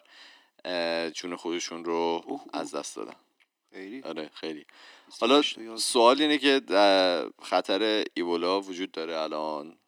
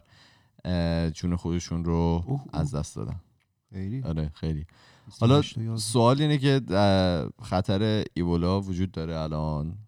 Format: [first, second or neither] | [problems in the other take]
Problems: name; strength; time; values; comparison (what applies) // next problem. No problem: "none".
second | thin; somewhat; fading below 300 Hz